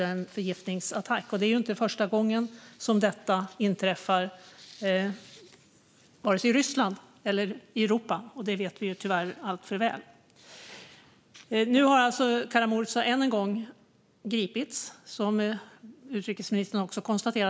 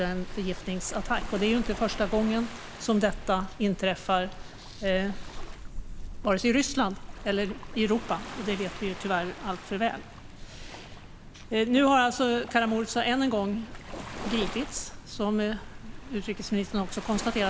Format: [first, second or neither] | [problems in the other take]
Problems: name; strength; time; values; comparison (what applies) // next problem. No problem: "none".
first | background sound (Waves, surf); 10 dB below the speech